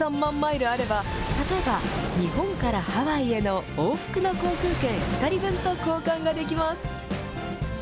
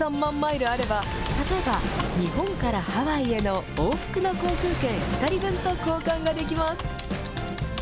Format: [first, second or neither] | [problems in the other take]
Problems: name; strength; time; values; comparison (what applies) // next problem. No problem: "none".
first | background sound (Computer keyboard); 11 dB below the speech